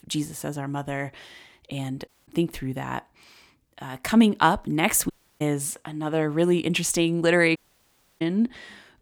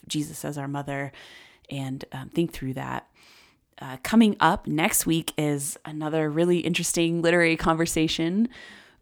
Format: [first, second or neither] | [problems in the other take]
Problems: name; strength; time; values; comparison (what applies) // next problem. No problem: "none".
second | audio cutting out; at 2 s, at 5 s and at 7.5 s for 0.5 s